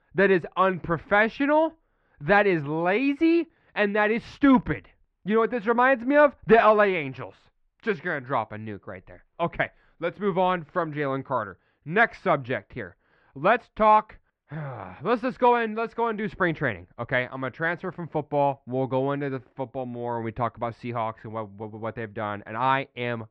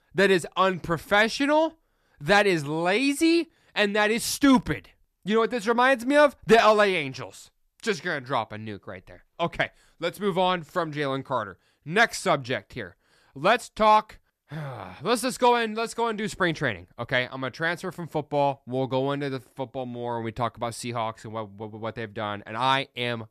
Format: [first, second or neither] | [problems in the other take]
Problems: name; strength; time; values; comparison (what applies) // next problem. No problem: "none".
second | muffled; very; fading above 2.5 kHz